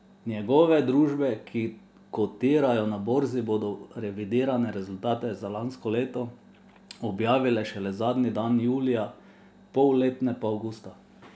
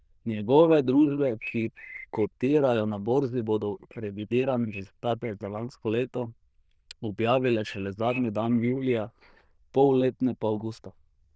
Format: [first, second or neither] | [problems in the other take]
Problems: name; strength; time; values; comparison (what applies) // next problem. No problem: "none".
first | noise reduction (neural diffusion model UNIVERSE++)